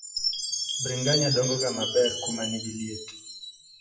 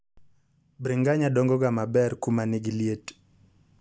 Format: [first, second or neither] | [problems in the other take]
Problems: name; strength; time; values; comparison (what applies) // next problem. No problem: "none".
second | noise reduction (classical method WPE with log-MMSE)